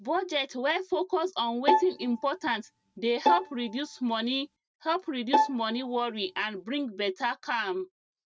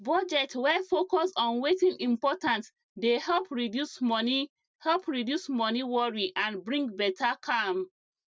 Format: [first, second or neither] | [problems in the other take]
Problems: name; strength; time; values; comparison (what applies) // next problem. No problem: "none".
second | noise reduction (neural mask model RNNoise)